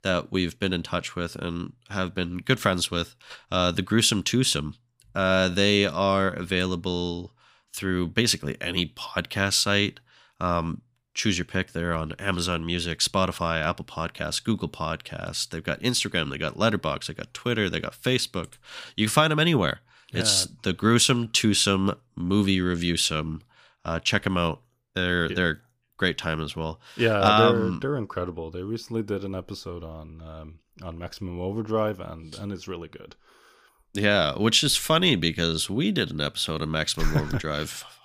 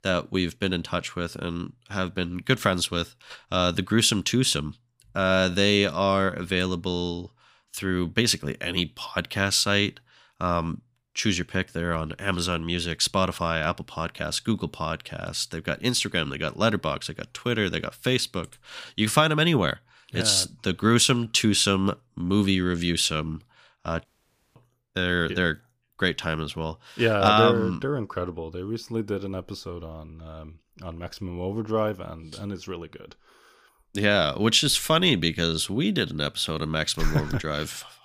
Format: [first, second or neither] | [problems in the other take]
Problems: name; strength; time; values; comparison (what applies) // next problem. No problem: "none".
first | audio cutting out; at 24 s for 0.5 s